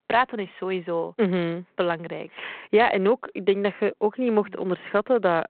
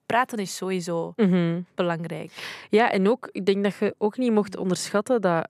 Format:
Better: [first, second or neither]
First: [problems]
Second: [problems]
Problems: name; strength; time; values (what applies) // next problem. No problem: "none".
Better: second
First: phone-call audio; nothing above 3.5 kHz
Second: none